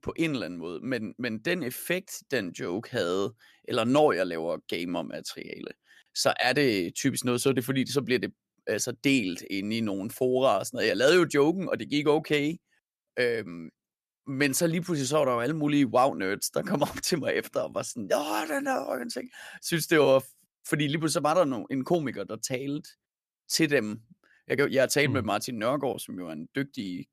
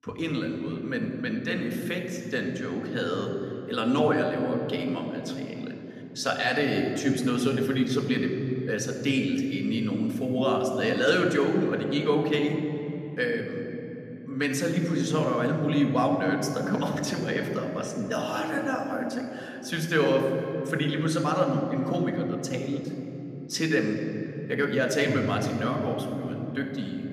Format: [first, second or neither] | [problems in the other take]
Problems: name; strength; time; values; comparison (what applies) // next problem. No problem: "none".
first | room echo; noticeable; dies away in 3 s